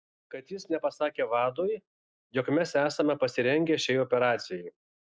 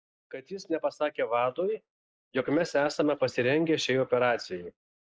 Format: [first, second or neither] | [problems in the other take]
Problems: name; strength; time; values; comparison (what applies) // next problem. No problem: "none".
first | noise reduction (neural mask model Resemble Enhance denoiser)